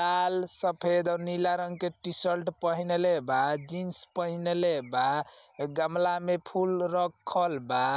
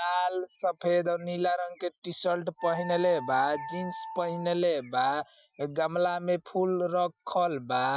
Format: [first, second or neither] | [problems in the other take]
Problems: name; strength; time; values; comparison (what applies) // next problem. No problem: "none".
first | noise reduction (classical method Wiener filter)